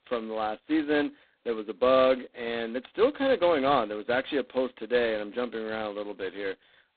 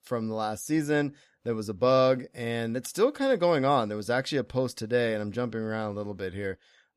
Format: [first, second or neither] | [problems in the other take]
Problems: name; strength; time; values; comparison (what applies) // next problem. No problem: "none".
second | phone-call audio; poor line; nothing above 4 kHz